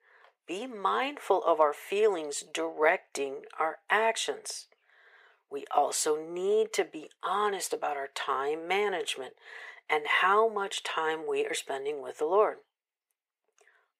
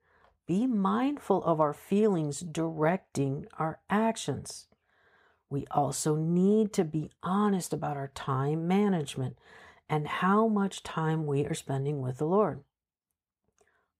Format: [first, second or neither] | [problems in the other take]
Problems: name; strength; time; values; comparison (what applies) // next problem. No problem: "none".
second | thin; very; fading below 450 Hz